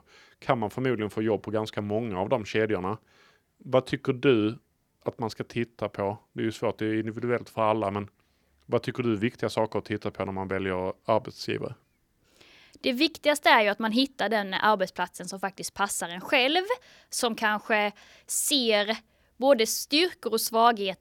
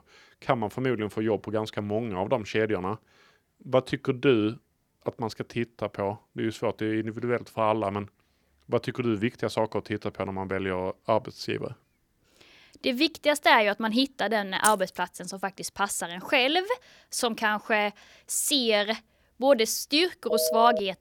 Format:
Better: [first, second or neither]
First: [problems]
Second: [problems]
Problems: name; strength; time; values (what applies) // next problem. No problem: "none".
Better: first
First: none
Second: jangling keys; noticeable; at 15 s; peak 3 dB below the speech // phone ringing; noticeable; at 20 s; peak 1 dB below the speech